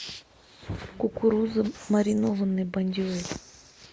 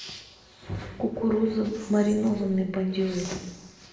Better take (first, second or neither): first